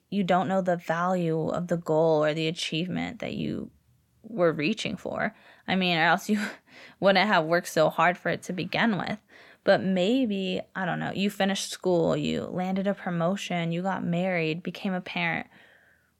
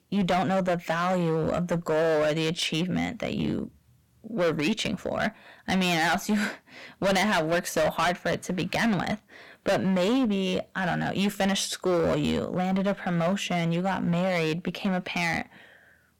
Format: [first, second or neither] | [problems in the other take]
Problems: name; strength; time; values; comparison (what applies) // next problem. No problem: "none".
first | distortion; heavy; 13% of the sound clipped